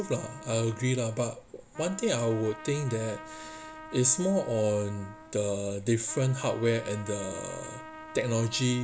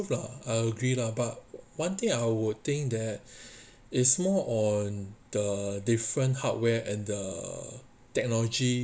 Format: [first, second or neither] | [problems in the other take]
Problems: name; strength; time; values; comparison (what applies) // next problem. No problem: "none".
second | background sound (Trumpet); 16 dB below the speech